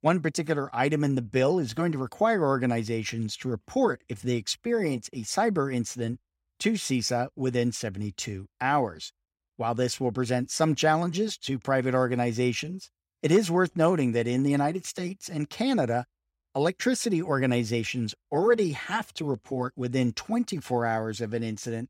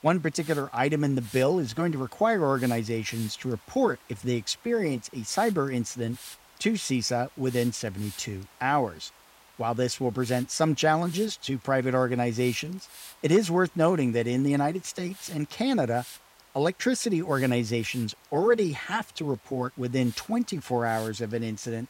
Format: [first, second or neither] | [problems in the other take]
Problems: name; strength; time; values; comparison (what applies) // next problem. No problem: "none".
first | hiss; faint; throughout; 20 dB below the speech